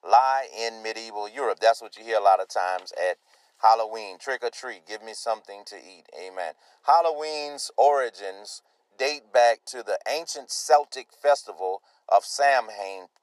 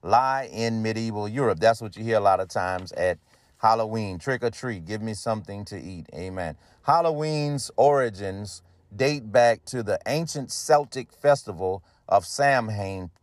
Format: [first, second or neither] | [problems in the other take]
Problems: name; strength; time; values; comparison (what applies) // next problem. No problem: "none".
second | thin; very; fading below 400 Hz